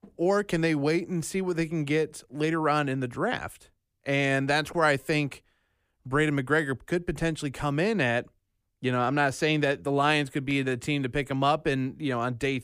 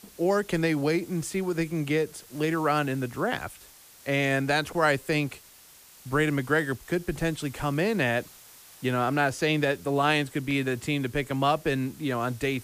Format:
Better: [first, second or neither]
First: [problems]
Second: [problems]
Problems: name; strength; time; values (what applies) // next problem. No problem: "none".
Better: first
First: none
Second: hiss; faint; throughout; 20 dB below the speech